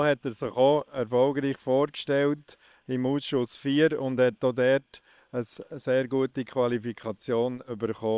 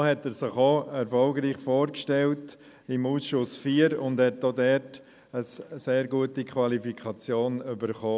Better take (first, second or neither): second